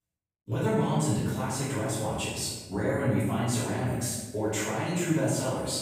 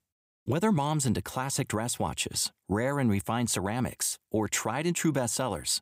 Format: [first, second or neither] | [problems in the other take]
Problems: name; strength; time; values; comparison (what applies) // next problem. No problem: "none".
second | off-mic speech; far // room echo; strong; dies away in 1.1 s